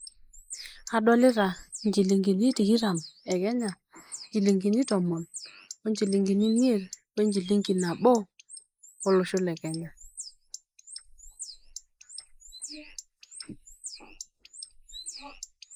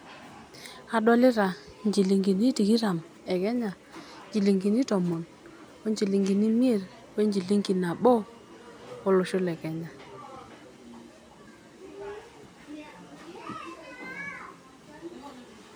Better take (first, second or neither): second